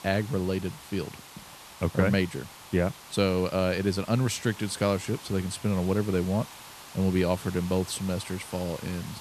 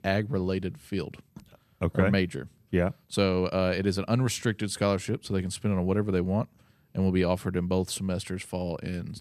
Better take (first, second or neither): second